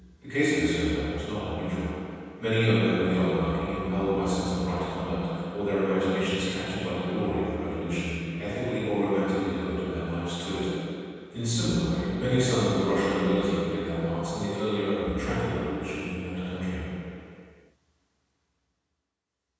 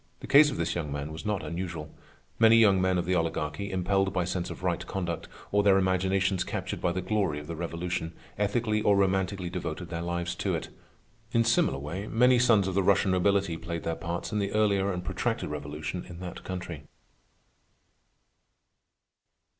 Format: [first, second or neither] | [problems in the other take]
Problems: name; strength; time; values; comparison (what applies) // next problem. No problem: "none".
second | background sound (Bowed string instrument); 16 dB below the speech // room echo; dies away in 2.1 s